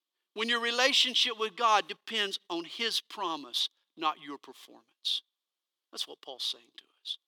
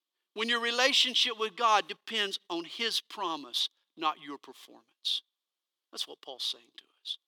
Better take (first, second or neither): neither